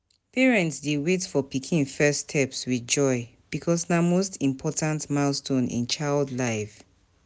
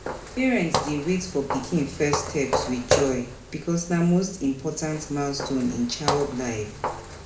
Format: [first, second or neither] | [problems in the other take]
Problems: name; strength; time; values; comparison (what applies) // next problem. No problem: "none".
first | background sound (Walk, footsteps); 5 dB below the speech // room echo; dies away in 0.5 s